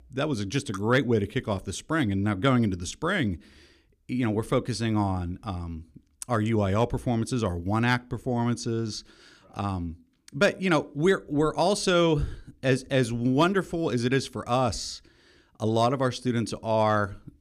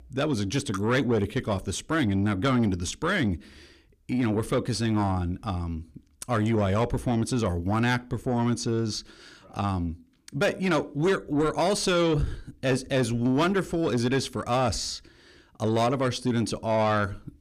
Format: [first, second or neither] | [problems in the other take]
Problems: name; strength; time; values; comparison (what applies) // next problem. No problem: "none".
first | distortion; slight; 10 dB below the speech